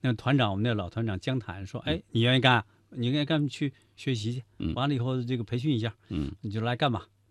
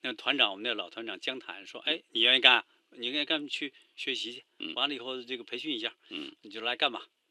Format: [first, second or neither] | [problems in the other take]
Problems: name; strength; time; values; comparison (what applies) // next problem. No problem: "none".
first | thin; somewhat; fading below 350 Hz